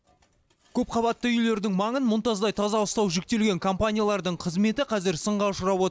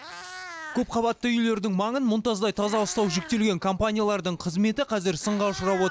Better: first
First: none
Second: background sound (Meow); 17 dB below the speech

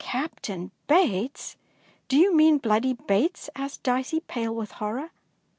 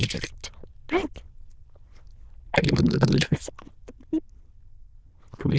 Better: first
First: none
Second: noise reduction (neural diffusion model UNIVERSE++)

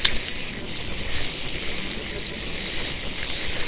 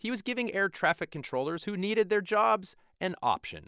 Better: second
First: noise reduction (neural separator model SepFormer WHAMR!)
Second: none

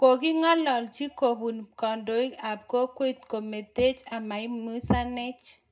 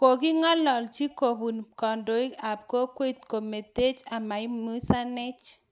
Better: second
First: room echo; dies away in 0.2 s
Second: none

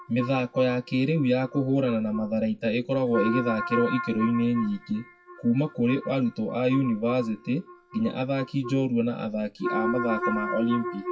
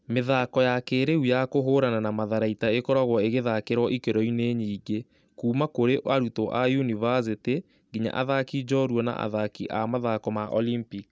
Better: second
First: noise reduction (classical method WPE with log-MMSE)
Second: none

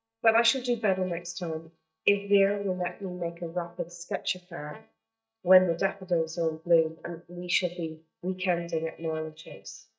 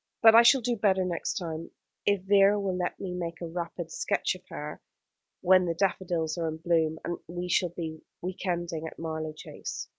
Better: second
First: noise reduction (neural mask model DeepFilterNet 3)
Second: none

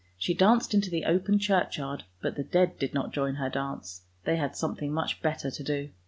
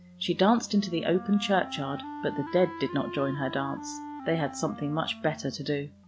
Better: first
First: none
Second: background sound (Wind instrument, woodwind instrument); 13 dB below the speech

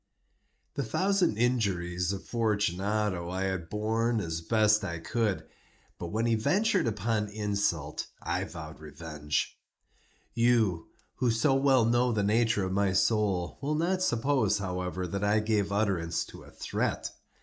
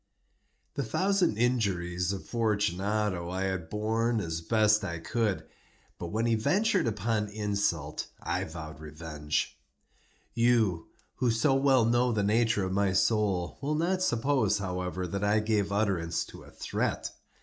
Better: second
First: noise reduction (neural mask model Resemble Enhance denoiser)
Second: none

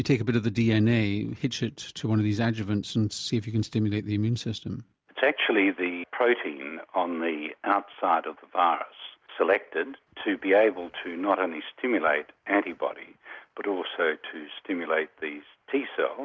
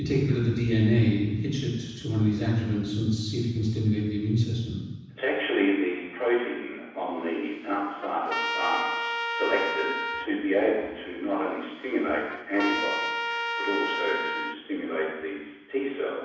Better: first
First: none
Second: background sound (Trumpet); 5 dB below the speech // room echo; dies away in 1.1 s

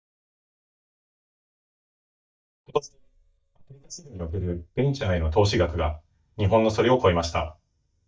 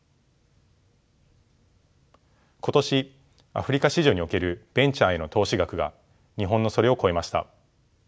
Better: second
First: noise reduction (neural mask model DeepFilterNet 3)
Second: none

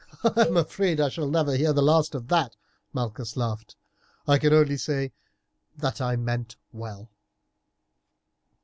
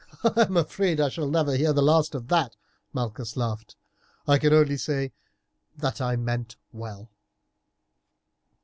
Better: second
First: background sound (Cowbell); 13 dB below the speech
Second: none

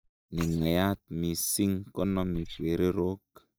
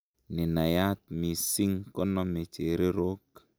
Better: second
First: noise reduction (neural mask model DeepFilterNet 3)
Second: none

